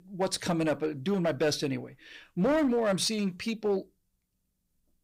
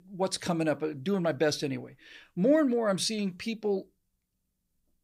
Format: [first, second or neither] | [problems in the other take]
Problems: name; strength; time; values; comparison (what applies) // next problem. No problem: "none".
second | distortion; slight; 6% of the sound clipped